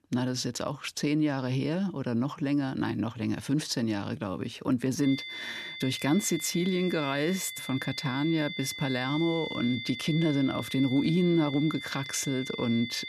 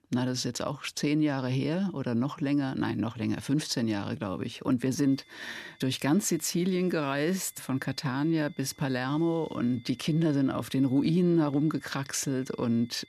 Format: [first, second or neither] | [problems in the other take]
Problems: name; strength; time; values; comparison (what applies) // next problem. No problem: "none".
second | high-pitched whine; loud; from 5 s on; 2 kHz, 8 dB below the speech; faint in the second